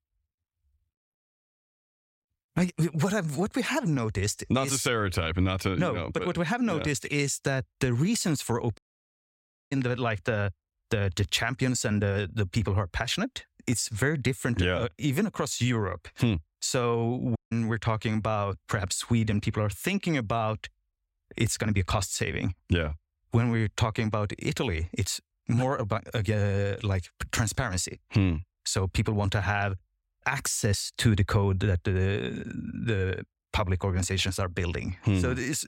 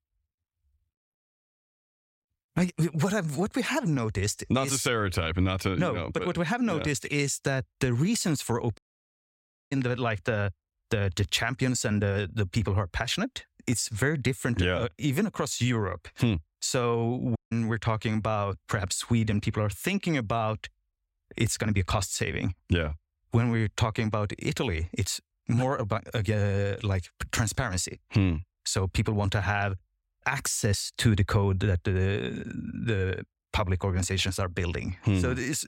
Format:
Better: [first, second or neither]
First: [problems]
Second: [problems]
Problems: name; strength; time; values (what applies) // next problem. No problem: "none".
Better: neither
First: audio cutting out; at 9 s for 1 s and at 17 s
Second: audio cutting out; at 9 s for 1 s and at 17 s